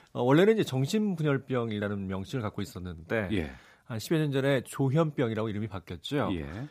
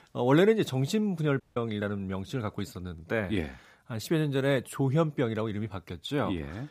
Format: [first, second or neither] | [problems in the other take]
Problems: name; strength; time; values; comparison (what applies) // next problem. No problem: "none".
first | audio cutting out; at 1.5 s